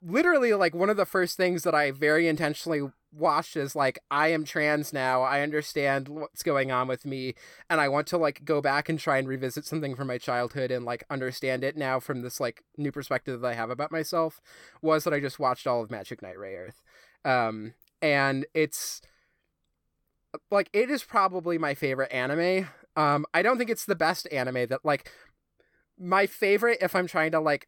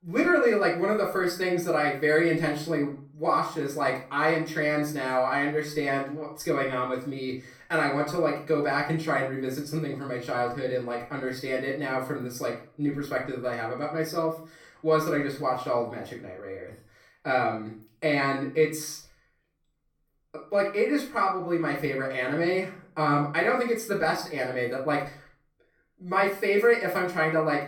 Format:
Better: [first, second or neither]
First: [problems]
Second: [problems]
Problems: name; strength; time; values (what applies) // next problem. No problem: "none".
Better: first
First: none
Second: off-mic speech; far // room echo; slight; dies away in 0.4 s